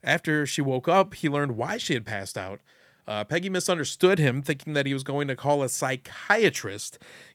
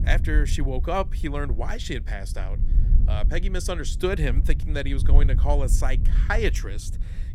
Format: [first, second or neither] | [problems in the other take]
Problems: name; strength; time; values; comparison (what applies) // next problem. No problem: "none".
first | wind noise on the microphone; occasional gusts; 15 dB below the speech